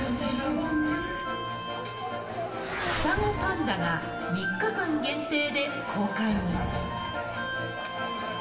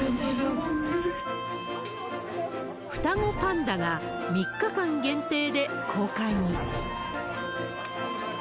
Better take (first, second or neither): second